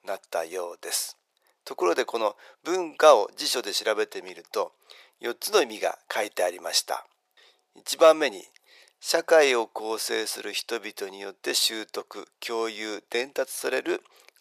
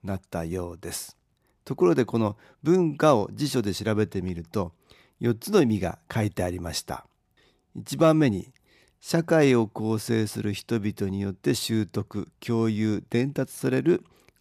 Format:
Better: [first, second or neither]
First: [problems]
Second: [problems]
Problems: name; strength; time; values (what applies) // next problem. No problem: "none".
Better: second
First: thin; very; fading below 500 Hz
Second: none